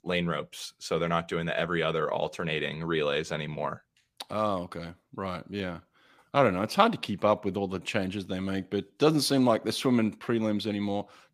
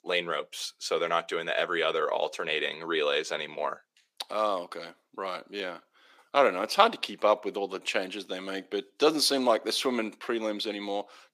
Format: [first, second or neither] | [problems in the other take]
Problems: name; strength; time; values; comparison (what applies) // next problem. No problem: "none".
first | thin; somewhat; fading below 350 Hz